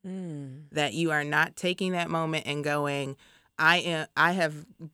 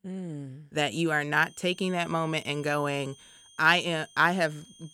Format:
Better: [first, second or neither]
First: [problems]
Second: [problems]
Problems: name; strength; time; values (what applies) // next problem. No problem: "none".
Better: first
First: none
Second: high-pitched whine; faint; from 1.5 s on; 3 kHz, 25 dB below the speech